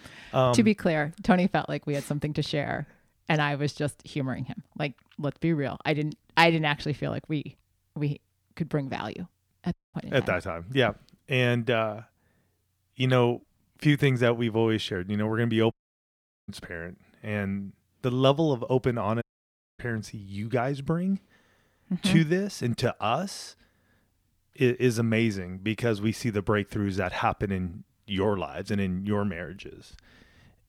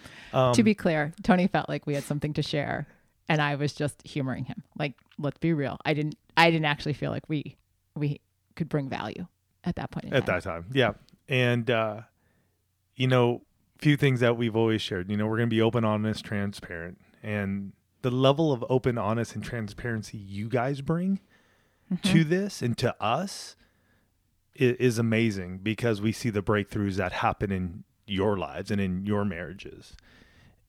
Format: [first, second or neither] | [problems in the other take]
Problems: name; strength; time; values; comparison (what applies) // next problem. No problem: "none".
second | audio cutting out; at 9.5 s, at 16 s for 1 s and at 19 s for 0.5 s